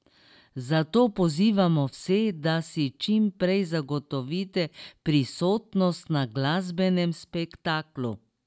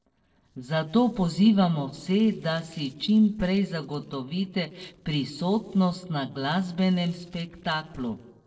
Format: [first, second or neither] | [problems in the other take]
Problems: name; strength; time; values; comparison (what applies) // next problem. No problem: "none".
first | noise reduction (neural separator model SepFormer DNS4)